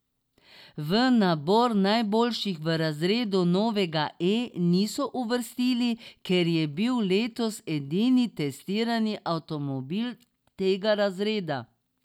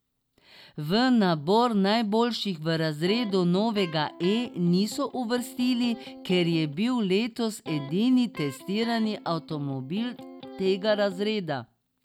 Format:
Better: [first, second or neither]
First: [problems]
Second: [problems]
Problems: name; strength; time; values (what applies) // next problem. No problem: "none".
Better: first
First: none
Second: background sound (Electric guitar); 17 dB below the speech